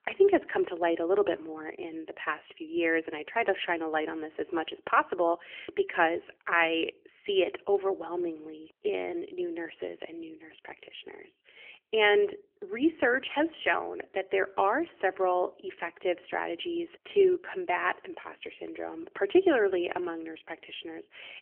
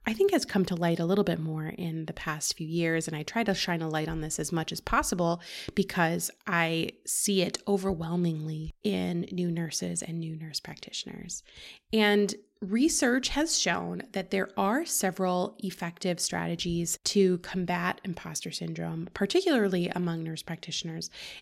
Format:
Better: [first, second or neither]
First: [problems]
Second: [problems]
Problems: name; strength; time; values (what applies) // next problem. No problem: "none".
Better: second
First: phone-call audio; nothing above 3 kHz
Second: none